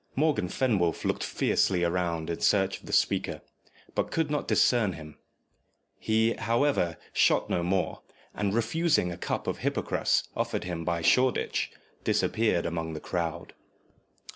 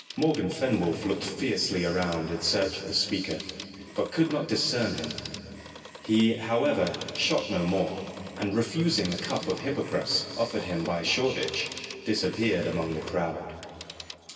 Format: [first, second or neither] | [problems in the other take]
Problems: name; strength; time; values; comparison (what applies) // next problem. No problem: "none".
first | background sound (Telephone); 16 dB below the speech // room echo; dies away in 2.6 s